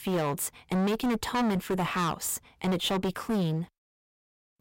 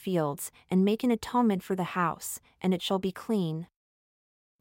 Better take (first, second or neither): second